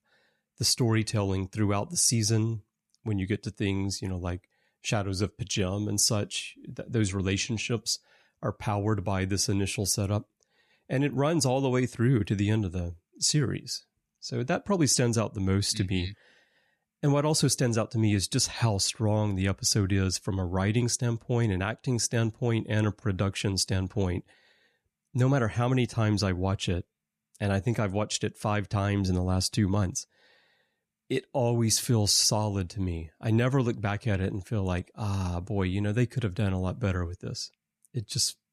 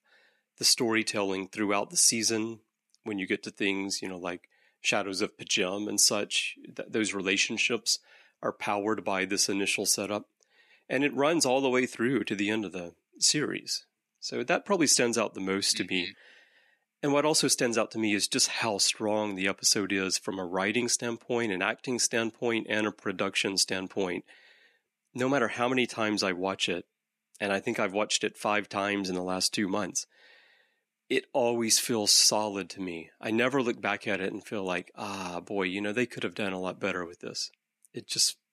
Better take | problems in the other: first | thin; somewhat; fading below 250 Hz

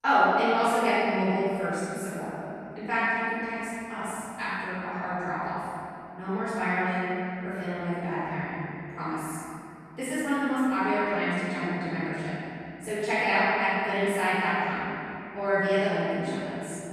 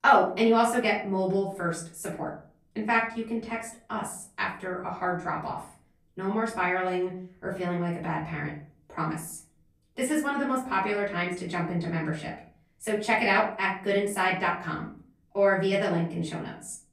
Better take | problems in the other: second | room echo; strong; dies away in 3 s; slight in the second // off-mic speech; far; far in the second

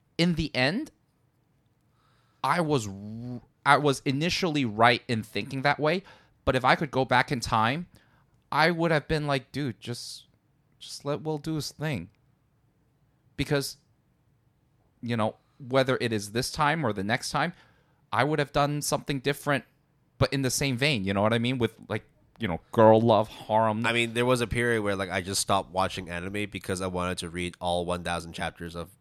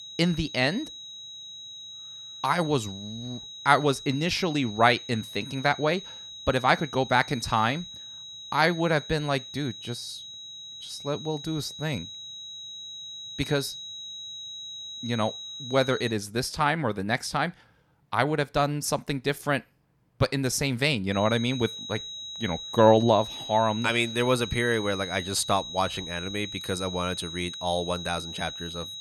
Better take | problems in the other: first | high-pitched whine; noticeable; until 16 s and from 21 s on; 4 kHz, 10 dB below the speech

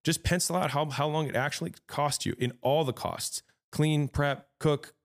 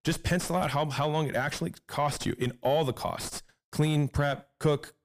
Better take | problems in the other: first | distortion; slight; 8 dB below the speech

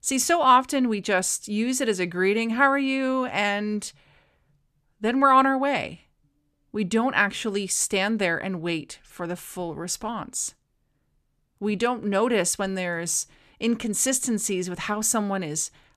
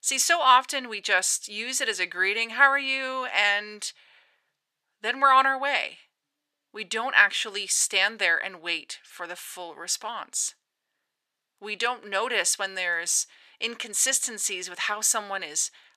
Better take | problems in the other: first | thin; very; fading below 650 Hz

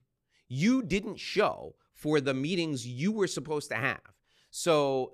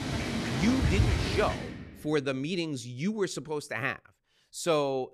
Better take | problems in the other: first | animal sounds; very loud; until 1.5 s; 1 dB above the speech

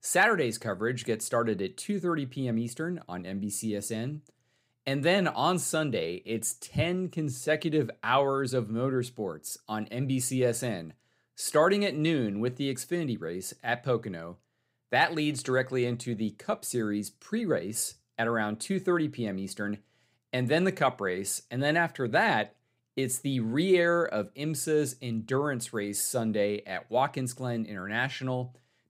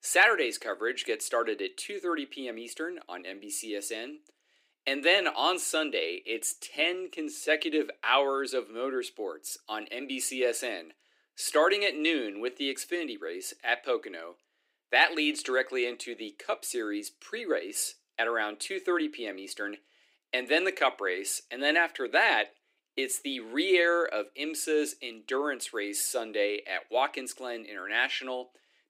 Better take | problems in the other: first | thin; somewhat; fading below 300 Hz

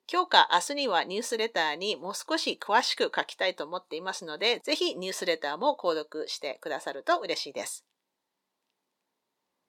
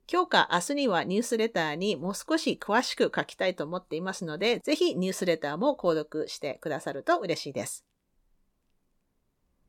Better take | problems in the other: second | thin; somewhat; fading below 350 Hz

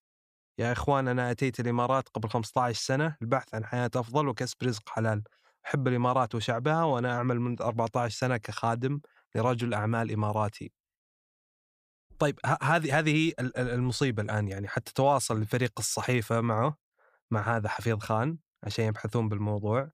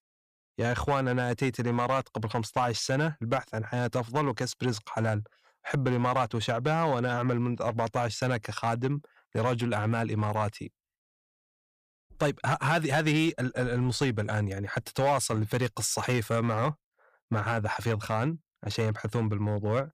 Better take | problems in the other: first | distortion; slight; 4% of the sound clipped

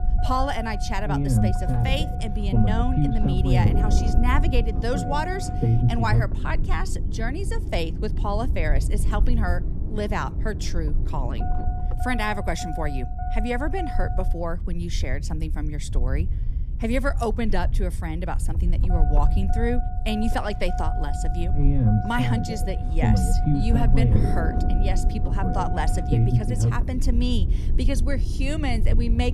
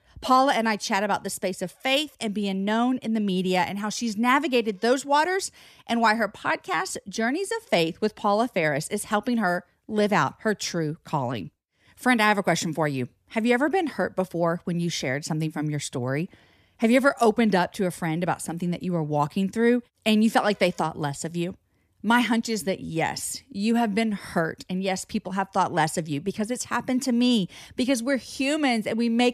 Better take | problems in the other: second | low rumble; loud; throughout; 4 dB below the speech

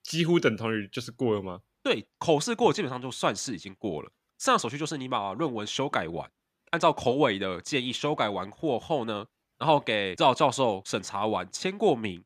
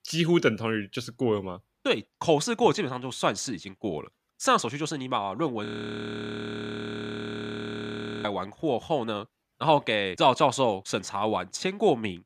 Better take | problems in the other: first | audio freezing; at 5.5 s for 2.5 s

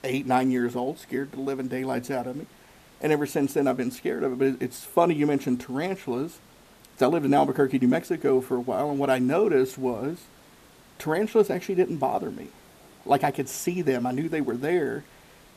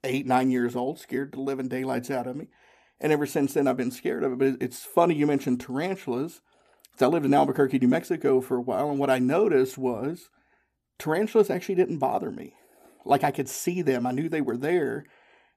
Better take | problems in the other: second | hiss; faint; throughout; 25 dB below the speech

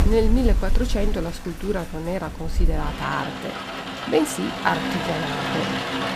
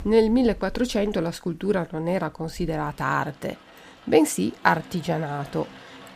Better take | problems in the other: second | rain or running water; loud; throughout; 1 dB below the speech; faint in the second

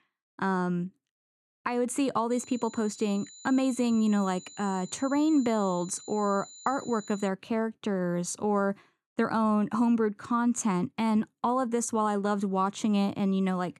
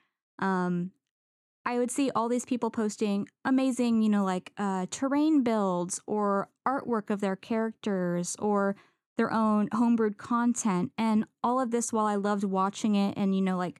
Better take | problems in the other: second | high-pitched whine; noticeable; from 2.5 to 7.5 s; 7 kHz, 20 dB below the speech

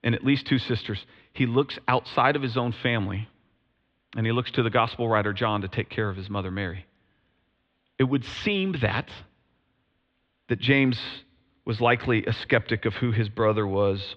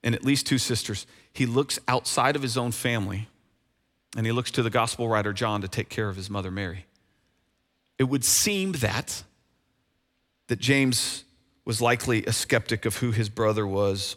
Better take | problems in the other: second | muffled; very; fading above 3.5 kHz

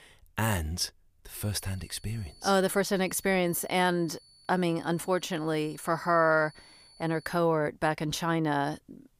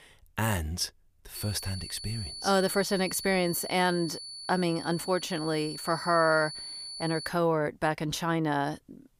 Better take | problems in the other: first | high-pitched whine; loud; from 1.5 to 7.5 s; 4.5 kHz, 9 dB below the speech; faint in the first

